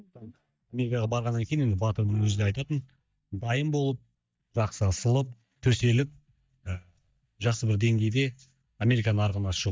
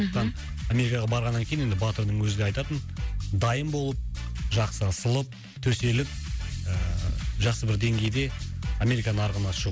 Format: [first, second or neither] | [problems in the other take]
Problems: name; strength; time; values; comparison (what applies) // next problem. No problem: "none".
second | noise reduction (neural mask model DeepFilterNet 3)